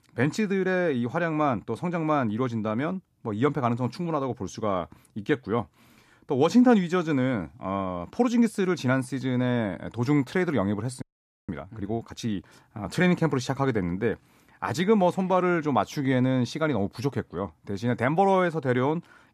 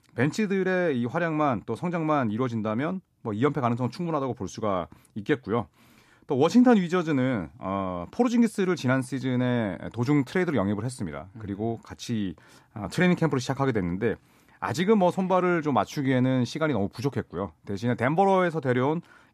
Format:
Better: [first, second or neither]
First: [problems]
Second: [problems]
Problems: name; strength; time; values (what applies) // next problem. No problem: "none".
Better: second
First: audio freezing; at 11 s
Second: none